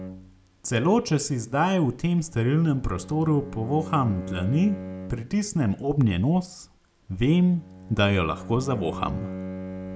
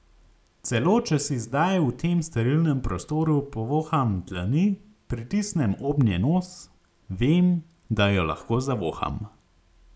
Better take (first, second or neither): second